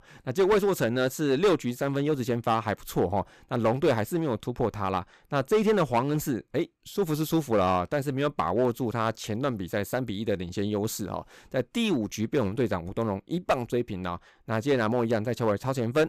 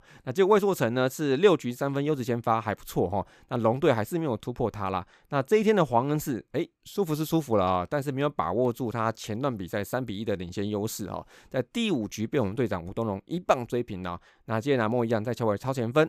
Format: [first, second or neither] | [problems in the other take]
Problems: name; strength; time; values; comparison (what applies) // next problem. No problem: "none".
second | distortion; slight; 4% of the sound clipped